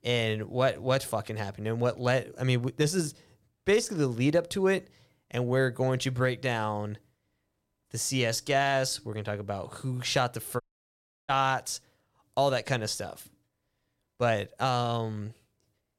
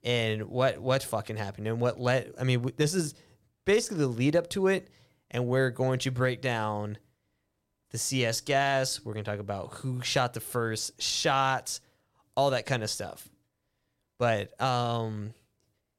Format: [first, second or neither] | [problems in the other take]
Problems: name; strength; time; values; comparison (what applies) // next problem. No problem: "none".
second | audio cutting out; at 11 s for 0.5 s